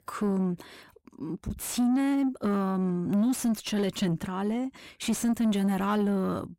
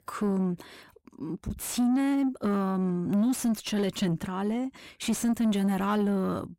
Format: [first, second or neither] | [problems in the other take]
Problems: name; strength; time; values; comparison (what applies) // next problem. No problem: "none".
neither | distortion; slight; 10 dB below the speech; the same in both